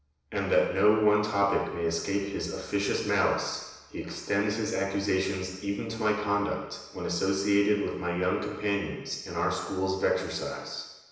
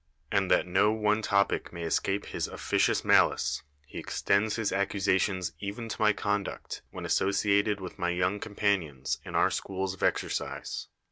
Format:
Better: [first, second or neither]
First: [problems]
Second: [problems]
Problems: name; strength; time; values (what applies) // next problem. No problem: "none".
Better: second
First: room echo; dies away in 1 s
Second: none